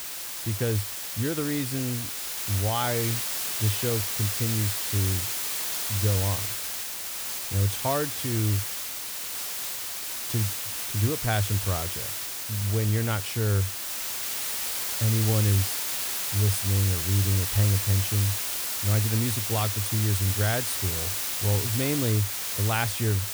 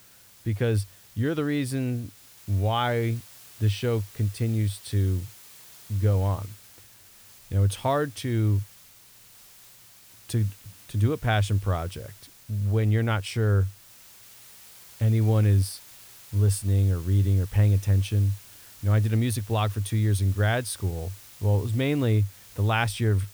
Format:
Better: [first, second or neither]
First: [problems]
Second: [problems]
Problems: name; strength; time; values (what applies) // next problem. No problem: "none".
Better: second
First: hiss; loud; throughout; as loud as the speech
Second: hiss; faint; throughout; 20 dB below the speech